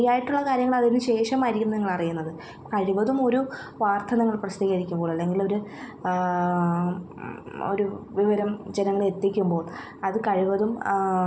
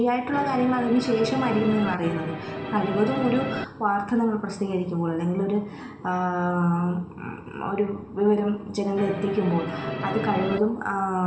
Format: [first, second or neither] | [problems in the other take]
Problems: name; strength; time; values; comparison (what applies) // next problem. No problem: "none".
first | background sound (Musical instrument); 6 dB below the speech // room echo; dies away in 0.8 s